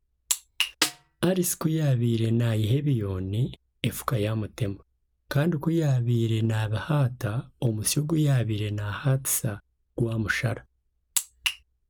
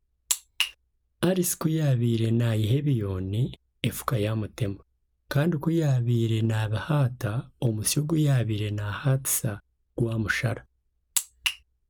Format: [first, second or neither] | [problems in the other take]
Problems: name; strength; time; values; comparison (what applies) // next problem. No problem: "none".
second | background sound (Snare drum); 4 dB below the speech